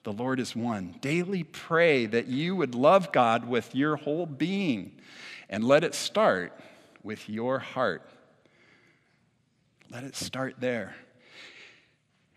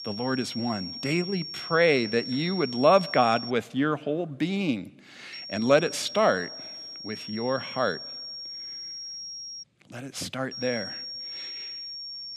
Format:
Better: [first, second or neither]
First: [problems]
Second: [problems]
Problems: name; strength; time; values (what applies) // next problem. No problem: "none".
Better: first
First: none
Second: high-pitched whine; loud; until 3.5 s, from 5.5 to 9.5 s and from 11 s on; 5.5 kHz, 9 dB below the speech